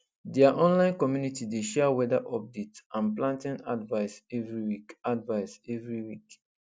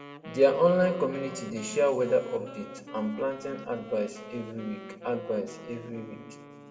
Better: first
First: none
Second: background sound (Wind instrument, woodwind instrument); 15 dB below the speech // room echo; dies away in 1.7 s

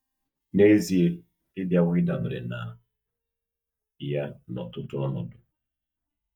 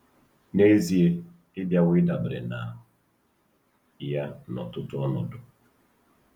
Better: second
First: noise reduction (neural mask model DeepFilterNet 3)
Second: none

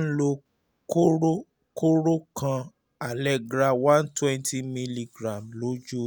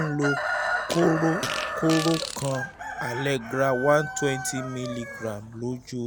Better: first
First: none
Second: background sound (Chicken, rooster + Fart); 5 dB below the speech

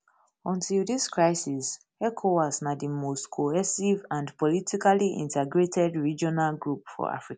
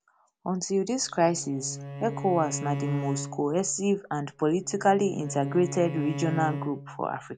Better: first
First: none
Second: background sound (Bowed string instrument); 9 dB below the speech

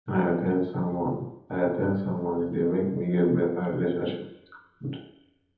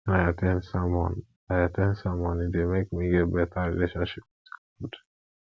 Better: second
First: room echo; dies away in 1 s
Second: none

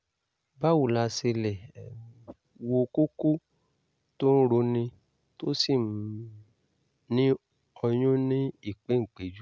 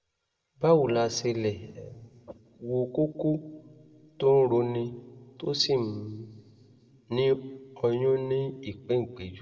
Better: first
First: none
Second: room echo; dies away in 1 s

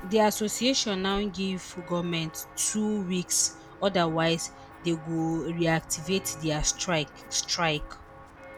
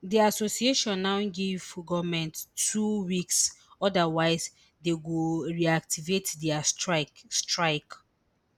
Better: second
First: background sound (Walk, footsteps); 16 dB below the speech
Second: none

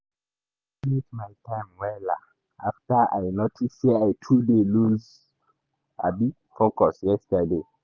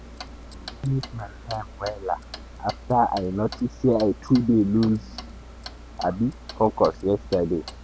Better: first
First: none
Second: background sound (Clock); 15 dB below the speech

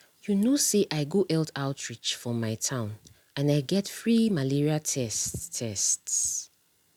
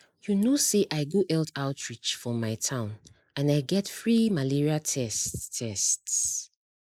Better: first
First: none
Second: noise reduction (neural mask model Resemble Enhance denoiser)

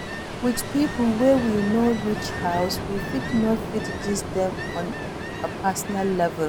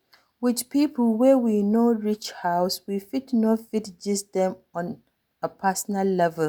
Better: second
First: background sound (Ocean); 6 dB below the speech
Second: none

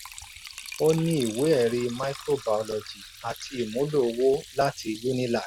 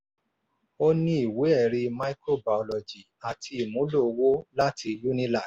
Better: second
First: background sound (Liquid); 16 dB below the speech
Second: none

